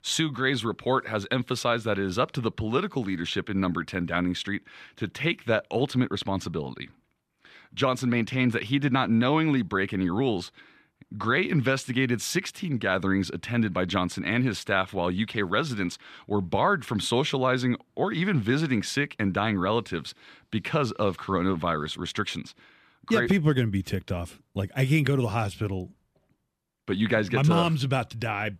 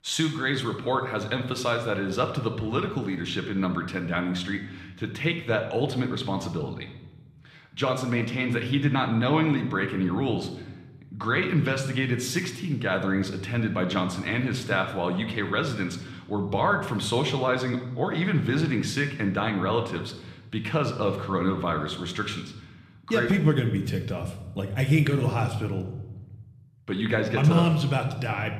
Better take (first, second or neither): first